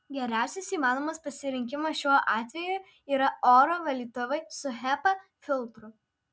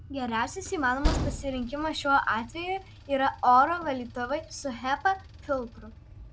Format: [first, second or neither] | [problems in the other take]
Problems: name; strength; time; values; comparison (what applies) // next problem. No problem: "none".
first | background sound (Train); 9 dB below the speech